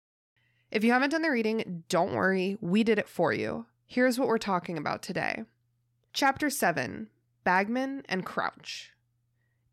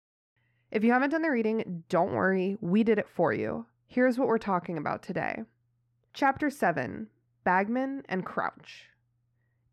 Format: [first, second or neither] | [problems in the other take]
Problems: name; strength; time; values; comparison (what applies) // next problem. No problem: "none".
first | muffled; slightly; fading above 3 kHz